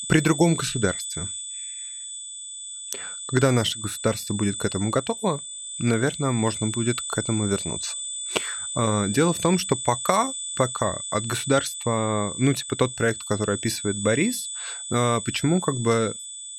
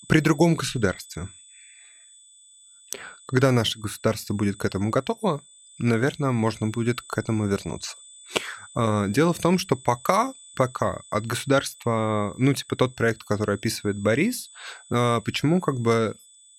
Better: second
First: high-pitched whine; loud; throughout; 8 kHz, 6 dB below the speech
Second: high-pitched whine; faint; throughout; 8 kHz, 20 dB below the speech

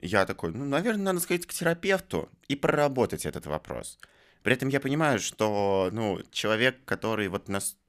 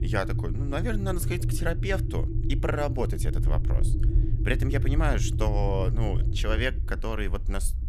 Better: first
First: none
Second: low rumble; loud; throughout; 9 dB below the speech

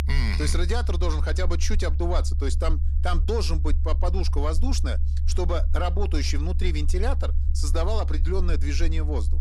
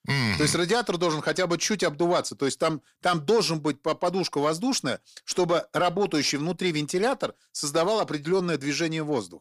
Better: second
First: low rumble; noticeable; throughout; 15 dB below the speech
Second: none

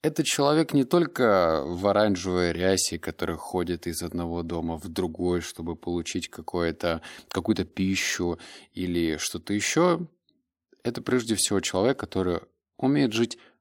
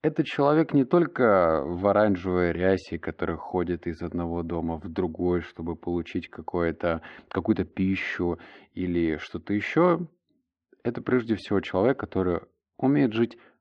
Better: first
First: none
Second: muffled; very; fading above 2.5 kHz

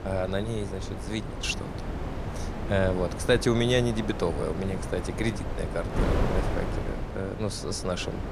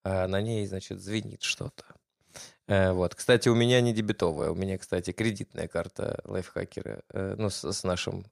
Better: second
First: wind noise on the microphone; heavy; 6 dB below the speech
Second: none

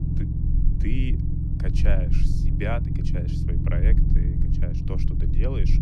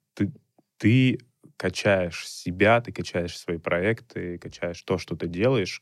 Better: second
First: low rumble; loud; throughout; 2 dB below the speech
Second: none

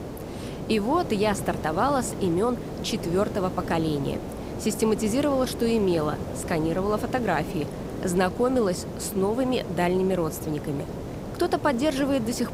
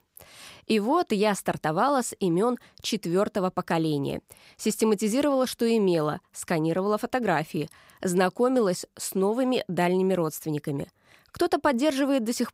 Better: second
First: hiss; loud; throughout; 8 dB below the speech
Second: none

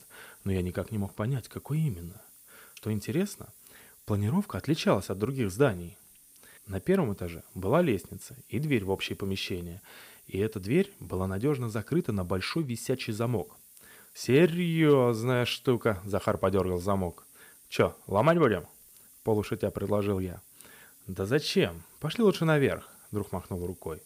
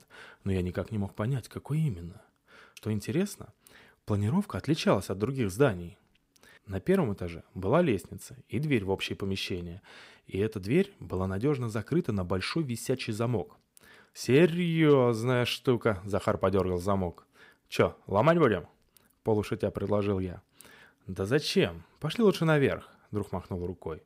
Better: second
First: hiss; faint; throughout; 25 dB below the speech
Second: none

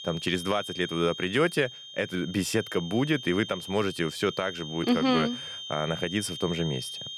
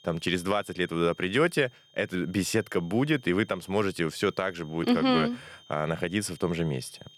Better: second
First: high-pitched whine; loud; throughout; 3 kHz, 9 dB below the speech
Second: high-pitched whine; faint; throughout; 3 kHz, 25 dB below the speech

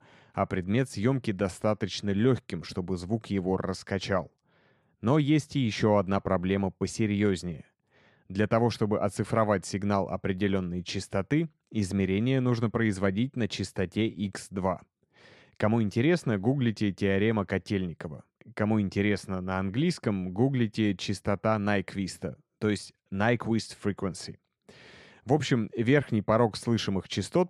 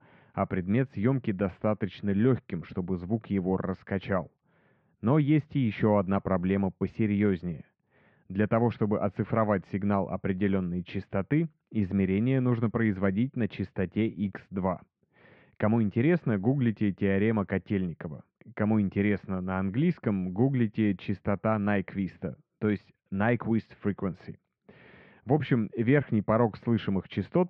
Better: first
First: none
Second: muffled; very; fading above 2.5 kHz

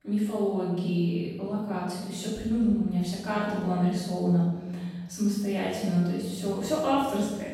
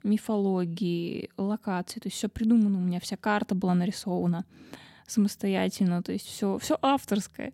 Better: second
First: off-mic speech; far // room echo; strong; dies away in 1.4 s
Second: none

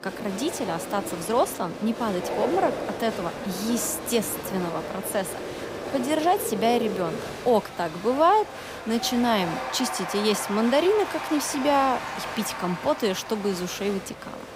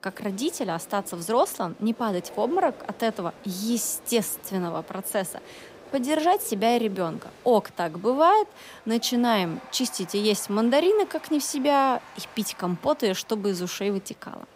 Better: second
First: crowd noise; loud; throughout; 7 dB below the speech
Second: crowd noise; faint; throughout; 20 dB below the speech

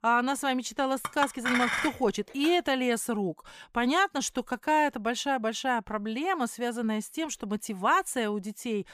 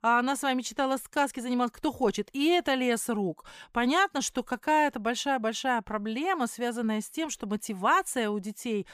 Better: second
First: clattering dishes; loud; from 1 to 2.5 s; peak 2 dB above the speech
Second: none

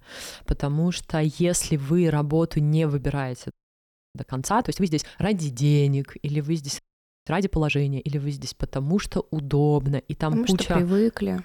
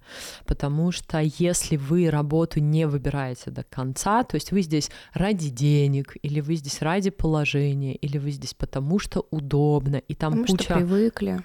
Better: second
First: audio freezing; at 3.5 s for 0.5 s and at 7 s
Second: none

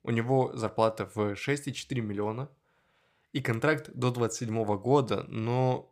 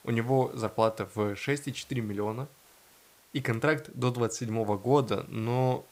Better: first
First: none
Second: hiss; faint; throughout; 25 dB below the speech

